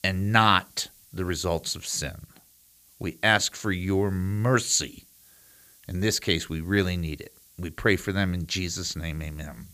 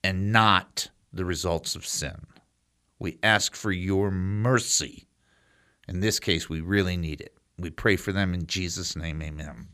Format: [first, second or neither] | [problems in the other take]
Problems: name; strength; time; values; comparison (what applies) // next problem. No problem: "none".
second | hiss; faint; throughout; 25 dB below the speech